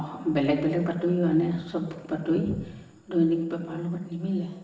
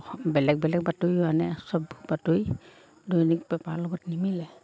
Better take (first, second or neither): second